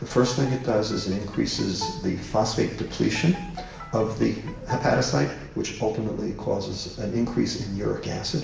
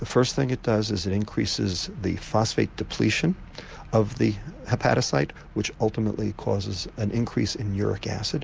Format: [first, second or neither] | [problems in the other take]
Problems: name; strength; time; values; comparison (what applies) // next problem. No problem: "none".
second | background sound (Bowed string instrument); 15 dB below the speech // room echo; dies away in 0.8 s